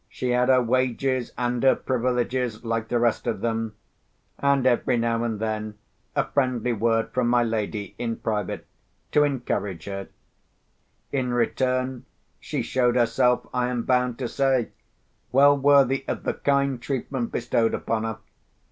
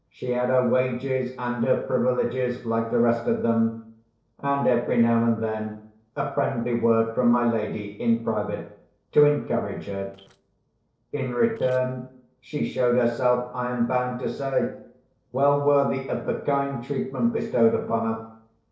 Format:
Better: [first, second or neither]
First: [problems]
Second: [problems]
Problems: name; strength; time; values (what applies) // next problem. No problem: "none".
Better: first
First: none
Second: noise reduction (neural separator model SepFormer DNS4)